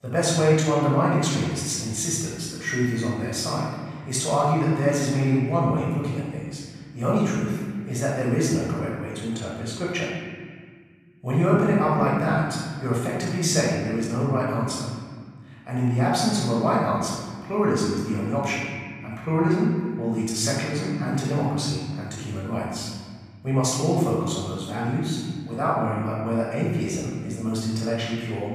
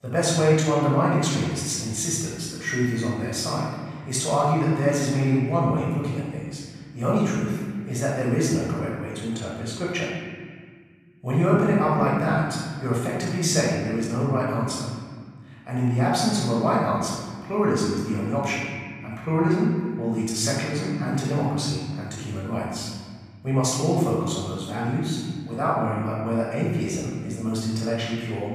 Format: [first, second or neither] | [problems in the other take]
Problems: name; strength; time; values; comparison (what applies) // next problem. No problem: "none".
neither | off-mic speech; far; the same in both // room echo; strong; dies away in 1.8 s; the same in both